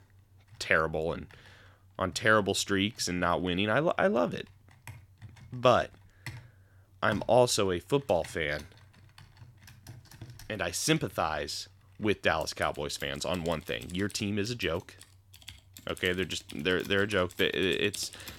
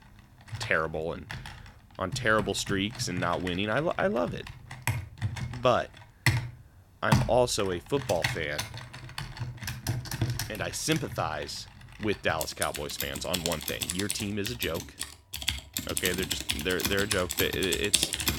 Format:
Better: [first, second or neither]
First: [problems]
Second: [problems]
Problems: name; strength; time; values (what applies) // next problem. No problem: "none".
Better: first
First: household noises; faint; throughout; 20 dB below the speech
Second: household noises; loud; throughout; 3 dB below the speech